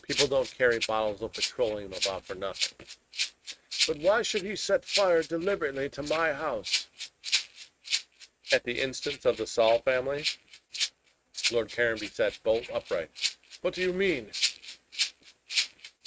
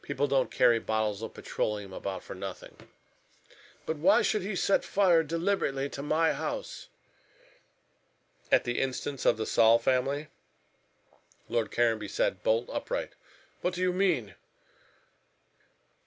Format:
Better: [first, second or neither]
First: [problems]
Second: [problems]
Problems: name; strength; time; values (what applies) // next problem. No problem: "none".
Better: second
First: noise reduction (neural mask model RNNoise)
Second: none